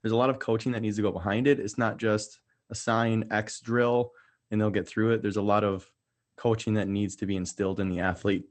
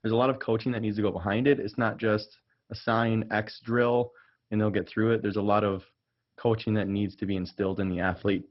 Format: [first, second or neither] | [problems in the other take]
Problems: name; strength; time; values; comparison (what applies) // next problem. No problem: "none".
first | garbled, watery; badly; nothing above 5.5 kHz; slightly in the first